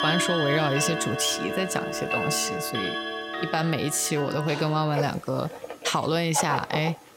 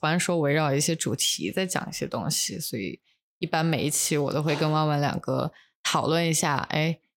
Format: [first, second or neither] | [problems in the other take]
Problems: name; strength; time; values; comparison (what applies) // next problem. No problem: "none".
second | household noises; loud; throughout; 4 dB below the speech